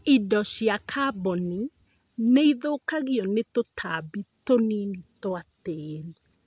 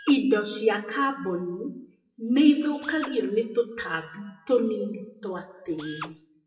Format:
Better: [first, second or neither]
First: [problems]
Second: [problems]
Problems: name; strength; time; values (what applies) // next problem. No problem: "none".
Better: first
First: none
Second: noise reduction (classical method WPE with log-MMSE)